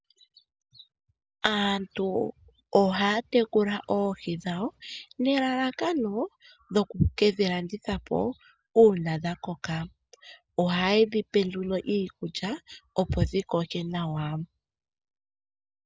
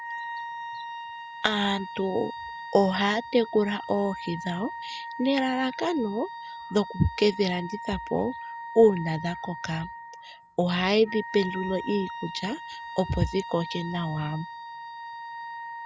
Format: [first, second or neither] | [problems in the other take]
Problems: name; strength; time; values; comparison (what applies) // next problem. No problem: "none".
first | background sound (Wind instrument, woodwind instrument); 11 dB below the speech